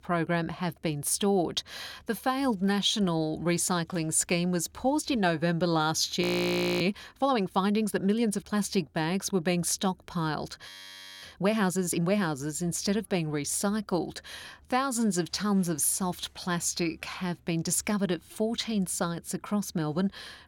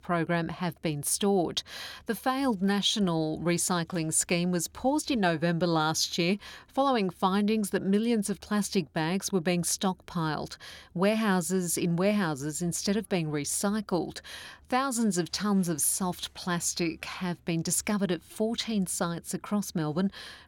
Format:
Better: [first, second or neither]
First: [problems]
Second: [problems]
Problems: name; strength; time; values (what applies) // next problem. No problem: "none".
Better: second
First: audio freezing; at 6 s for 0.5 s and at 11 s for 0.5 s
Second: none